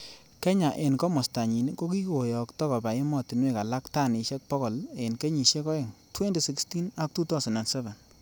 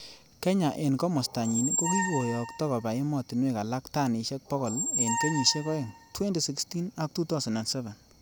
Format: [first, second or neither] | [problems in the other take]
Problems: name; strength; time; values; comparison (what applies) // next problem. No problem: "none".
first | background sound (Squeak); 6 dB below the speech